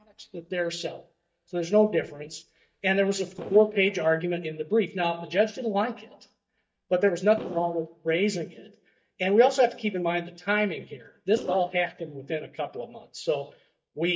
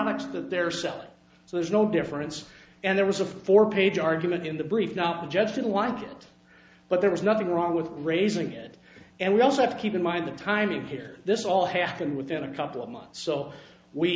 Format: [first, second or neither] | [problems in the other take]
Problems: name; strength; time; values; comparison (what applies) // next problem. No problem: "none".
second | noise reduction (neural mask model DeepFilterNet 3)